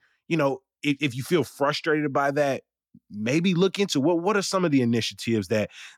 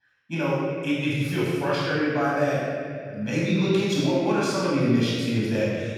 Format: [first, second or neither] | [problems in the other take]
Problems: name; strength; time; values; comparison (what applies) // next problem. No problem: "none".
first | off-mic speech; far // room echo; strong; dies away in 2.6 s